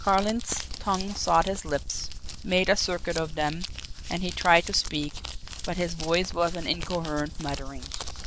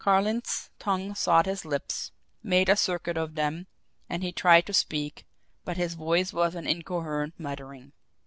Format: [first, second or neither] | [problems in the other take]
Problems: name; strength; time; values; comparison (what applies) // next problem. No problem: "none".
second | background sound (Crumpling, crinkling); 7 dB below the speech